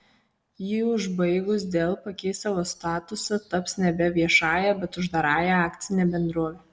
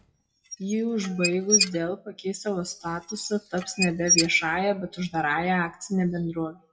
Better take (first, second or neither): first